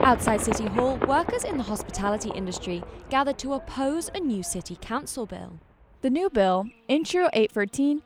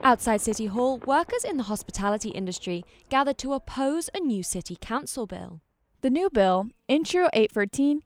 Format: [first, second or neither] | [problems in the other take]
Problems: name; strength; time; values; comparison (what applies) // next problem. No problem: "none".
second | animal sounds; loud; throughout; 7 dB below the speech; faint in the second